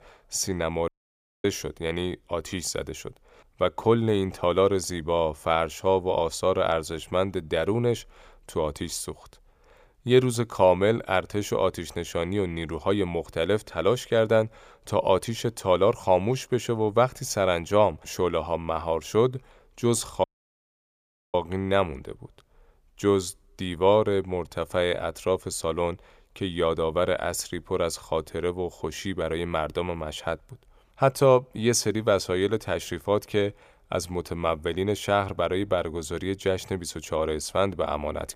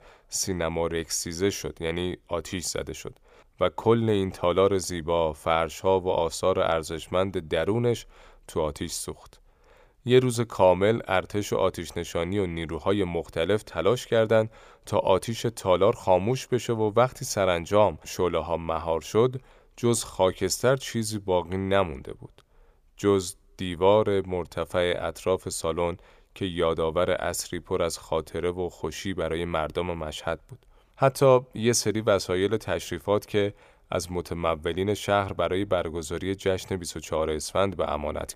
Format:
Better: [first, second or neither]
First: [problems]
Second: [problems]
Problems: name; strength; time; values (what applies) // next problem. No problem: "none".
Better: second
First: audio cutting out; at 1 s for 0.5 s and at 20 s for 1 s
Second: none